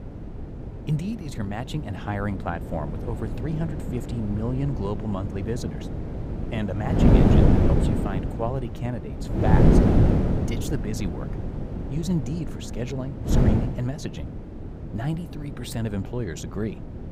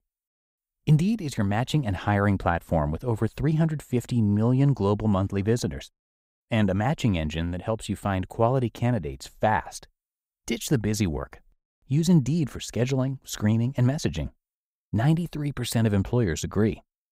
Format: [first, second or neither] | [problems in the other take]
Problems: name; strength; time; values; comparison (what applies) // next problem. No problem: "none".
second | wind noise on the microphone; heavy; 3 dB above the speech